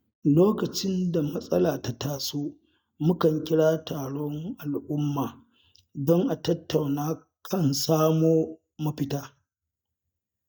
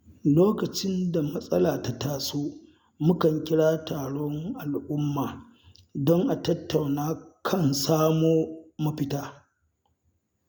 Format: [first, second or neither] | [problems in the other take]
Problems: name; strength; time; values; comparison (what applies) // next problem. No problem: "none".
second | noise reduction (neural mask model DeepFilterNet 3)